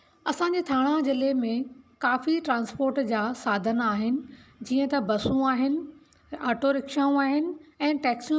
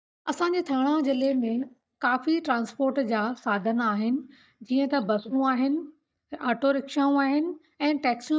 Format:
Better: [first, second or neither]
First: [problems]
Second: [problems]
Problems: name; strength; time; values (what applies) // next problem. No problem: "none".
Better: first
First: none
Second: noise reduction (neural mask model DeepFilterNet 3)